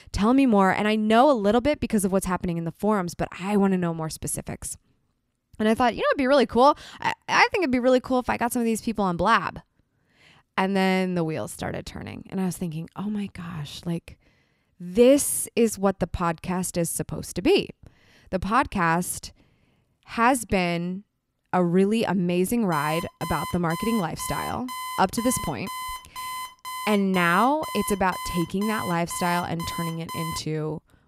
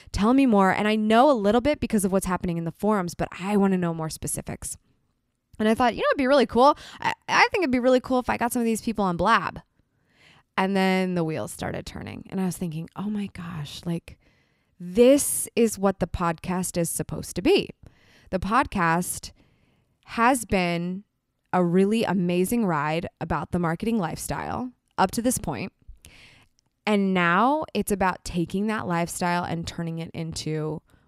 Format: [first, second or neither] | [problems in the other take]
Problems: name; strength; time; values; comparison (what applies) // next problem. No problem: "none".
second | alarm; noticeable; from 23 to 30 s; peak 9 dB below the speech